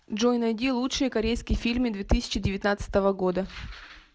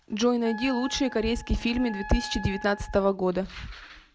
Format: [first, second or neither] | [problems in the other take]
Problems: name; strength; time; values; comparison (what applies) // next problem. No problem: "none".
first | background sound (Wind instrument, woodwind instrument); 15 dB below the speech